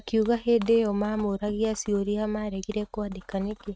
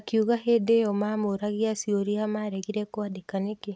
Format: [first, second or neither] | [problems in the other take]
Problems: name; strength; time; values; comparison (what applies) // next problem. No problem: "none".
second | noise reduction (neural mask model RNNoise)